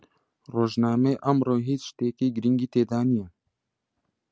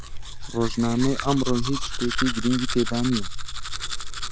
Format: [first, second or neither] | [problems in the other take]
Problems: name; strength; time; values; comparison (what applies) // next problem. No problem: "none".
first | background sound (Domestic sounds, home sounds); 1 dB below the speech